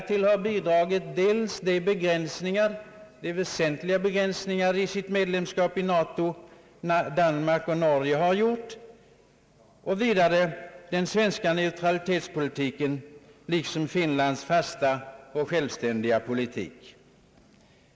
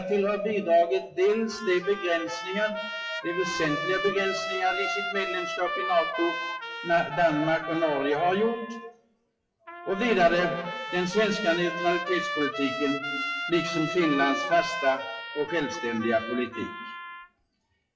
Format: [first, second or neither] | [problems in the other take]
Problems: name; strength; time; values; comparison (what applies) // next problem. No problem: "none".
first | noise reduction (classical method WPE with log-MMSE)